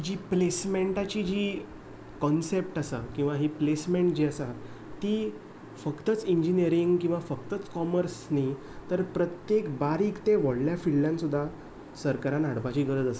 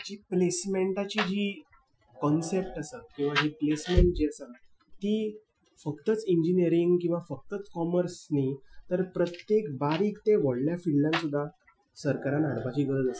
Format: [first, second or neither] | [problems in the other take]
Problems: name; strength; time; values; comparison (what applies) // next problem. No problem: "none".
first | noise reduction (classical method Wiener filter)